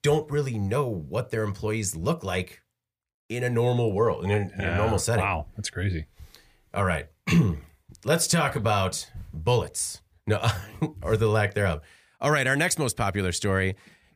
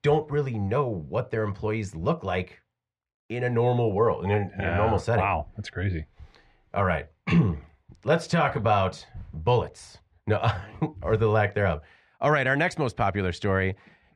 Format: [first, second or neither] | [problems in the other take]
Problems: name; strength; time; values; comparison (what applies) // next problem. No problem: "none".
first | muffled; slightly; fading above 3 kHz